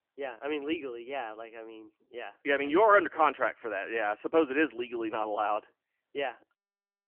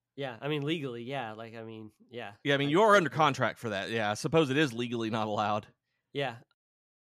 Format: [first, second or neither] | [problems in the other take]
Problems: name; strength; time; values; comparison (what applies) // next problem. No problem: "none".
second | phone-call audio; nothing above 3 kHz